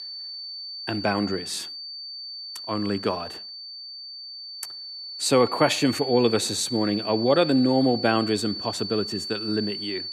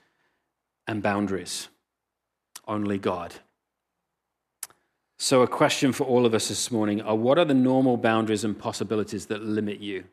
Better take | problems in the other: second | high-pitched whine; loud; throughout; 4.5 kHz, 8 dB below the speech

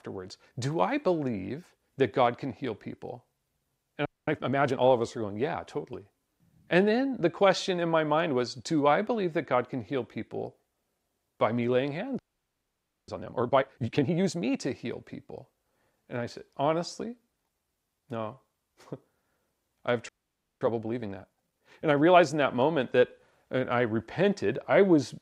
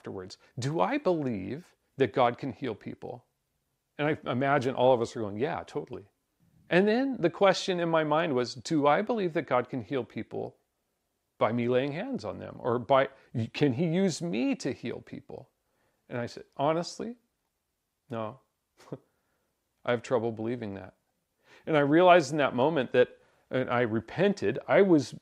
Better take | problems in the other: second | audio freezing; at 4 s, at 12 s for 1 s and at 20 s for 0.5 s

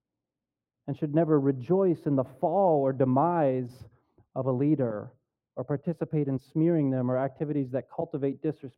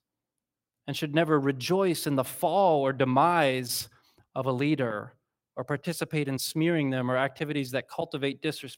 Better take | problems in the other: second | muffled; very; fading above 2 kHz

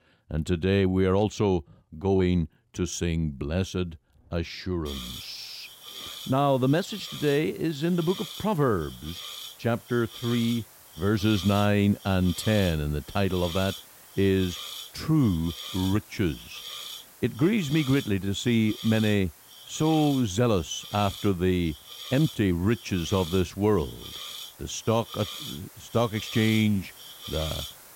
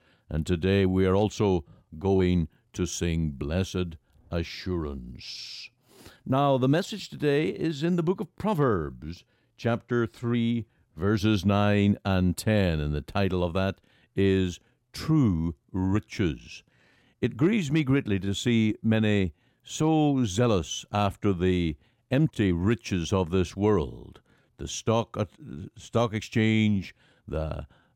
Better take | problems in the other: second | hiss; noticeable; from 5 s on; 15 dB below the speech

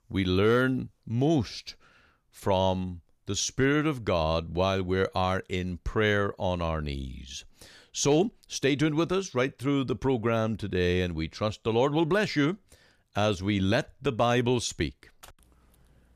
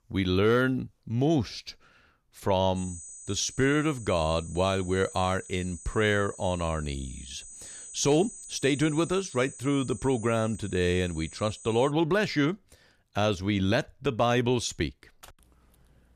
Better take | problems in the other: first | high-pitched whine; noticeable; from 3 to 12 s; 8 kHz, 15 dB below the speech

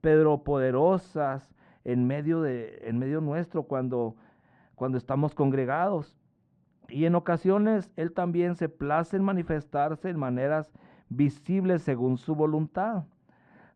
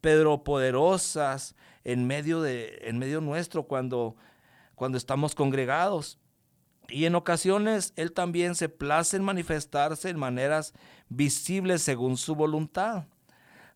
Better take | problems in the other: second | muffled; very; fading above 1.5 kHz

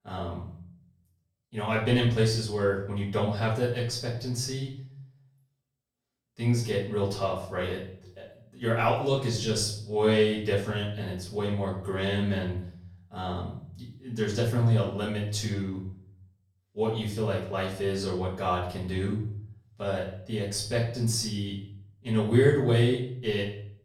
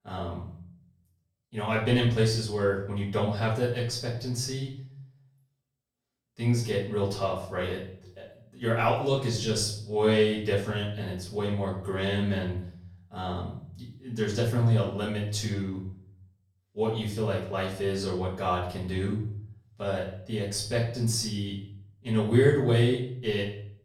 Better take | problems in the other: neither | room echo; noticeable; dies away in 0.6 s; the same in both // off-mic speech; far; the same in both

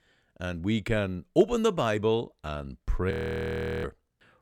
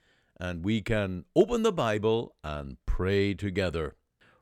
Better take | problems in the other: second | audio freezing; at 3 s for 0.5 s

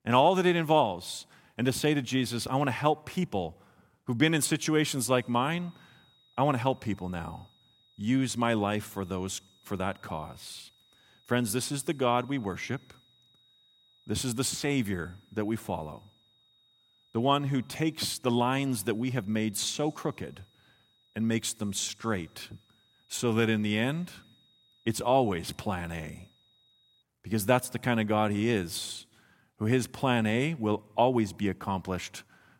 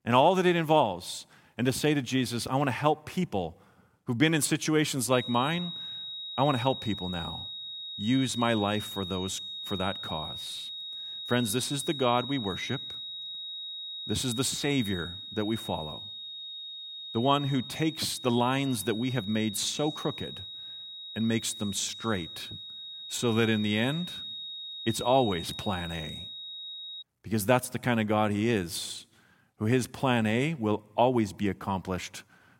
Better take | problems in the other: first | high-pitched whine; loud; from 5 to 27 s; 4 kHz, 8 dB below the speech; faint in the first

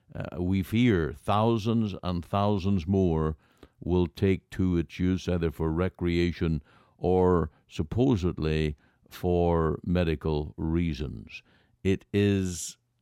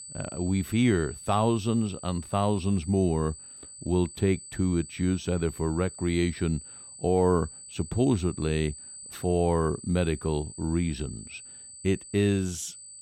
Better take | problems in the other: first | high-pitched whine; noticeable; throughout; 8 kHz, 15 dB below the speech

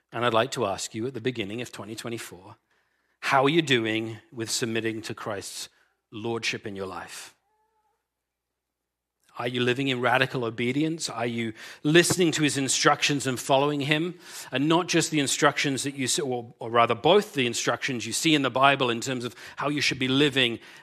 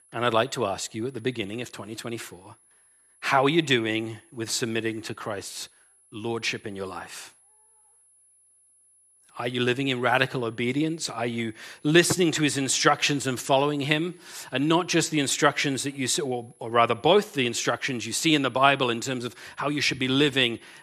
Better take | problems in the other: first | high-pitched whine; faint; throughout; 10.5 kHz, 35 dB below the speech

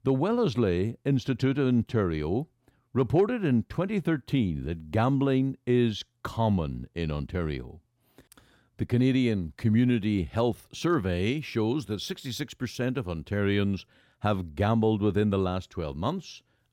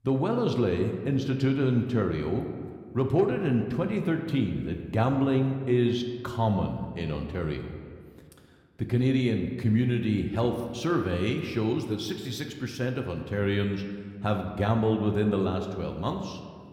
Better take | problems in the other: first | room echo; slight; dies away in 1.5 s

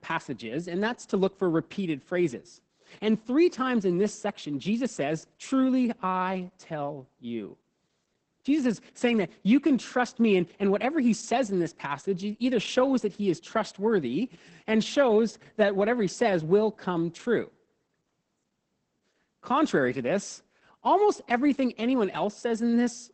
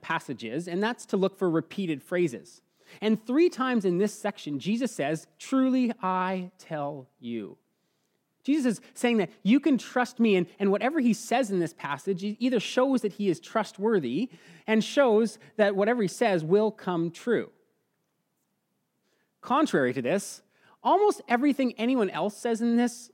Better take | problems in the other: second | garbled, watery; badly; nothing above 8 kHz

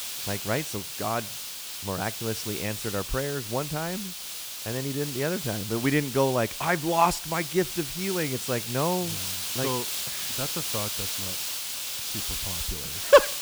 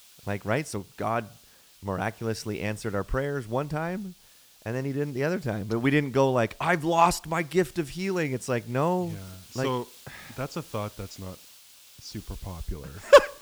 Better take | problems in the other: second | hiss; loud; throughout; 3 dB below the speech; faint in the second

